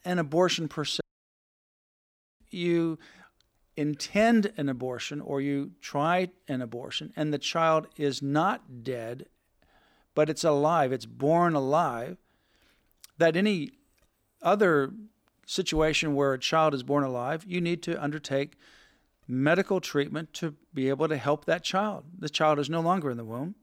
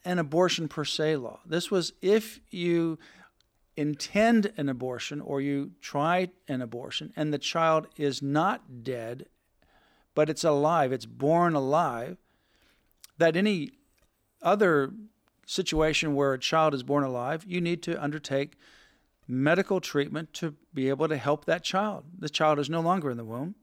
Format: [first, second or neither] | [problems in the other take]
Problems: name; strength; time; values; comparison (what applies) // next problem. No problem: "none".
second | audio cutting out; at 1 s for 1.5 s